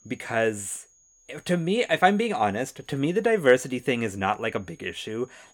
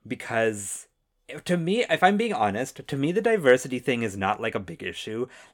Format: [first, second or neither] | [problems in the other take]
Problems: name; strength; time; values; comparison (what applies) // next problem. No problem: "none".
second | high-pitched whine; faint; throughout; 6.5 kHz, 30 dB below the speech